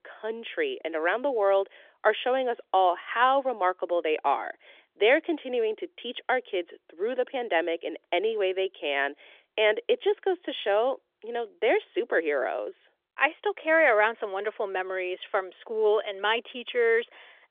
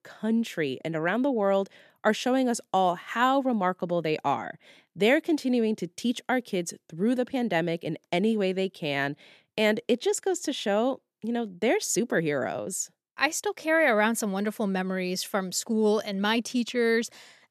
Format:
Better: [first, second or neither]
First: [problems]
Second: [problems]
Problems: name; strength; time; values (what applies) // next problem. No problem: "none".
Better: second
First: phone-call audio; nothing above 3.5 kHz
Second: none